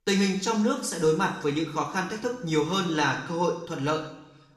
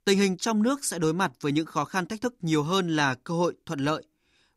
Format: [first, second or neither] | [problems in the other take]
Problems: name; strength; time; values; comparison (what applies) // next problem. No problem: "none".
second | room echo; slight; dies away in 0.8 s // off-mic speech; somewhat distant